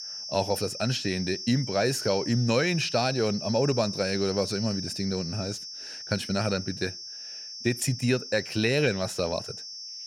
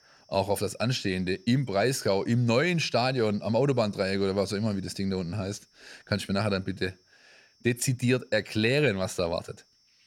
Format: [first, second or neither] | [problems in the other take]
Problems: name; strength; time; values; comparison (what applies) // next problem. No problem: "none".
second | high-pitched whine; loud; throughout; 5.5 kHz, 8 dB below the speech; faint in the second